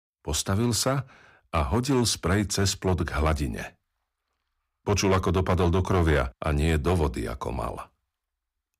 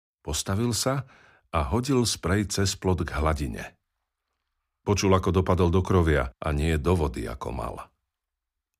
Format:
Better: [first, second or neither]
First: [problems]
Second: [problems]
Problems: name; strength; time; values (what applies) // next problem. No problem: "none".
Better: second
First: distortion; slight; 4% of the sound clipped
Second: none